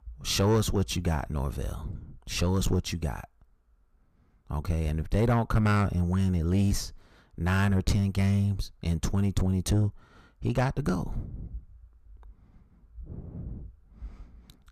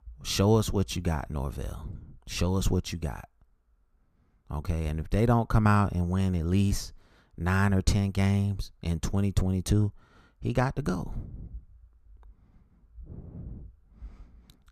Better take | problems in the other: second | distortion; slight; 10 dB below the speech

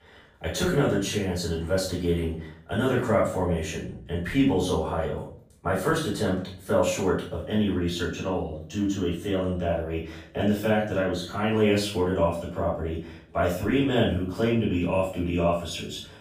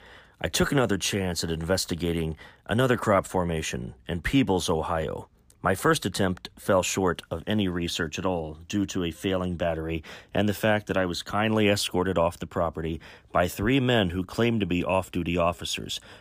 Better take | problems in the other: second | room echo; noticeable; dies away in 0.4 s // off-mic speech; far

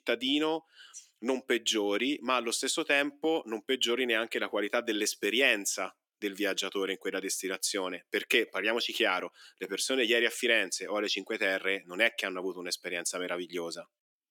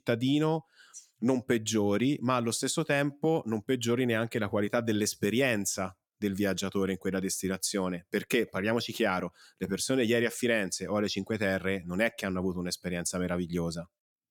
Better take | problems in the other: second | thin; somewhat; fading below 300 Hz

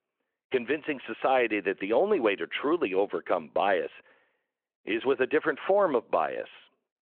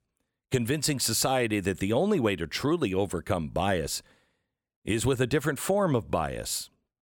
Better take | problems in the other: second | phone-call audio

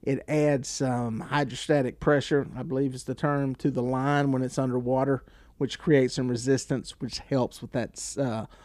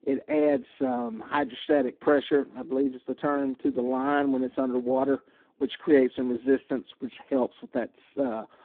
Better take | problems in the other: first | phone-call audio; poor line

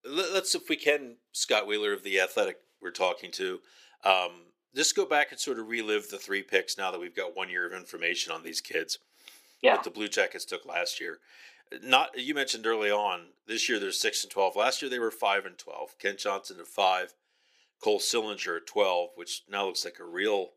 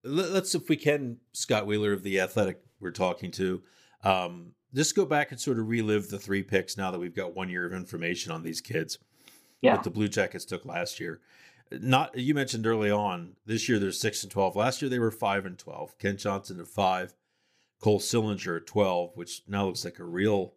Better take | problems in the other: second | thin; somewhat; fading below 400 Hz

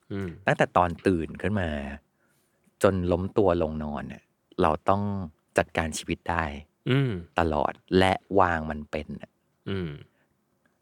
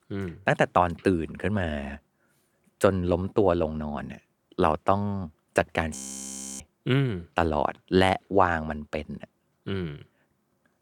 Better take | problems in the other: first | audio freezing; at 6 s for 0.5 s

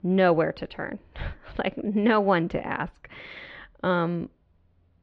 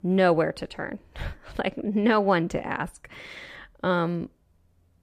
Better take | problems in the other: second | muffled; very slightly; fading above 4 kHz

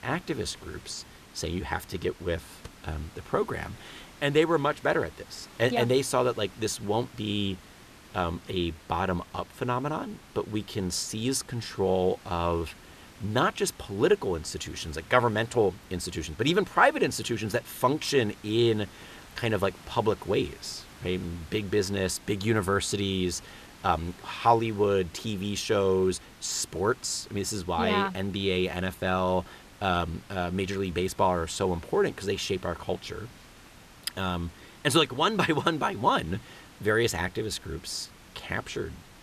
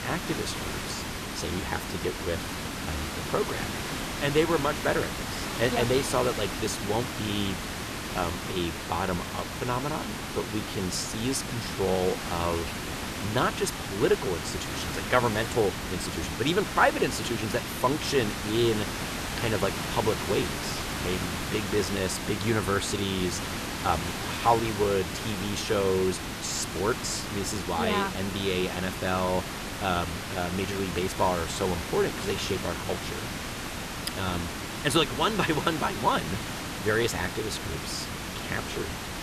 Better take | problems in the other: first | hiss; loud; throughout; 4 dB below the speech; faint in the first

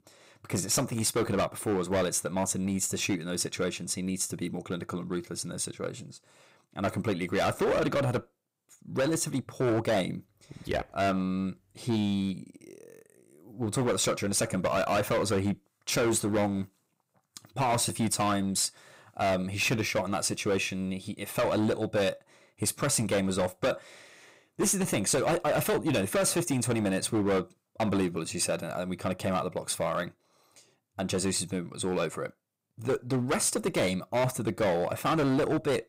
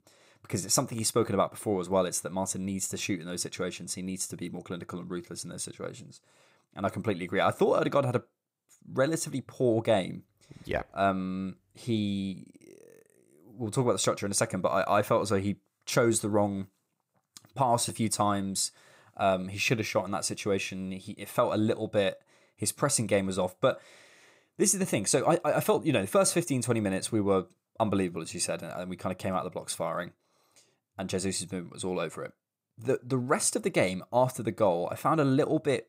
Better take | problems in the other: second | distortion; heavy; 11% of the sound clipped

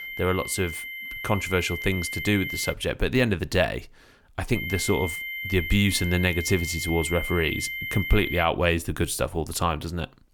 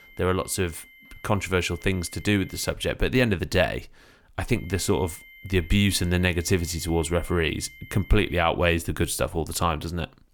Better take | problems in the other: second | high-pitched whine; loud; until 2.5 s and from 4.5 to 8.5 s; 2 kHz, 6 dB below the speech; faint in the second

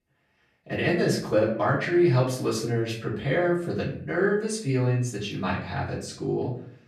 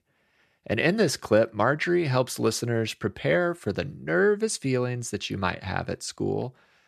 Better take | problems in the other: second | room echo; slight; dies away in 0.5 s // off-mic speech; far

